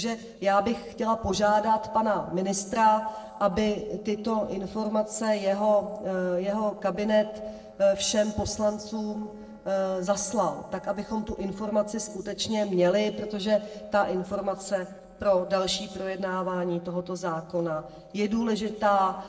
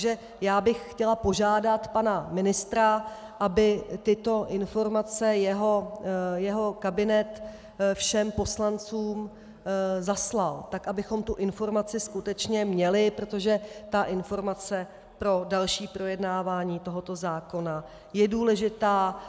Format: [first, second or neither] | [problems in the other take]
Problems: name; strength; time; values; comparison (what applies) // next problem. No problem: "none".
second | noise reduction (neural separator model SepFormer DNS4)